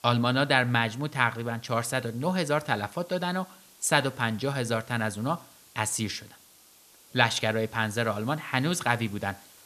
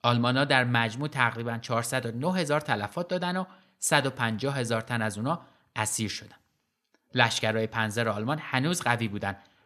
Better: second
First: hiss; faint; throughout; 25 dB below the speech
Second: none

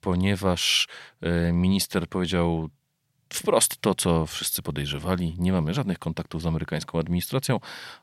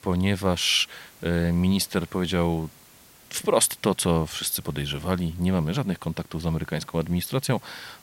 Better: first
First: none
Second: hiss; faint; throughout; 25 dB below the speech

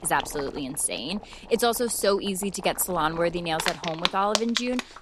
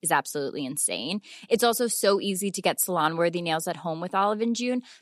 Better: second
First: household noises; loud; throughout; 5 dB below the speech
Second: none

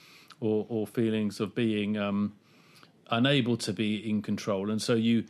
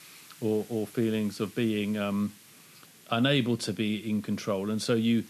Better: first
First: none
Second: hiss; faint; throughout; 20 dB below the speech

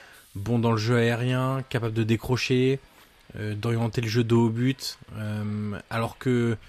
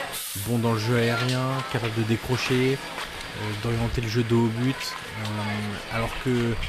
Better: first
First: hiss; faint; throughout; 30 dB below the speech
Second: hiss; loud; throughout; 6 dB below the speech

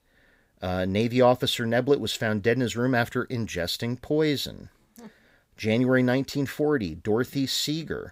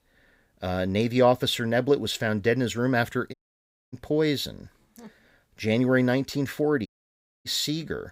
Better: first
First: none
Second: audio cutting out; at 3.5 s for 0.5 s and at 7 s for 0.5 s

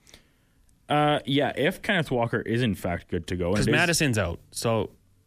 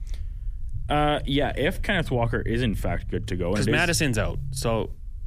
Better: first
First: none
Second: low rumble; faint; throughout; 25 dB below the speech

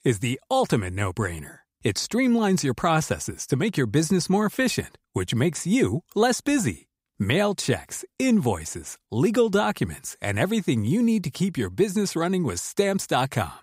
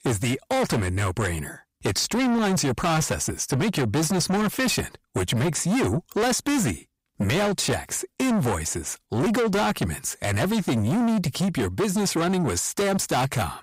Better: first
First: none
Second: distortion; heavy; 6 dB below the speech

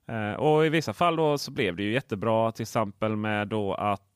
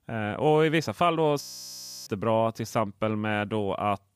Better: first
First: none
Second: audio freezing; at 1.5 s for 0.5 s

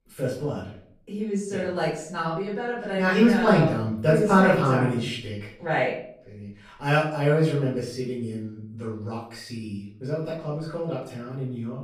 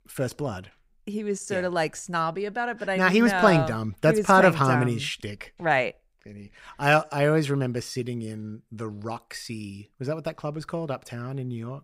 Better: second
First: off-mic speech; far // room echo; noticeable; dies away in 0.5 s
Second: none

